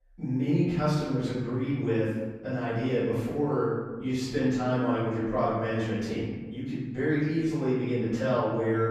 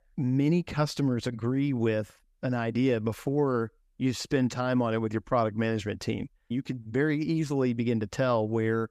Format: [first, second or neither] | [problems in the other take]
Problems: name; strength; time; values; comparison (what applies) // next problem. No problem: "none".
second | off-mic speech; far // room echo; strong; dies away in 1.2 s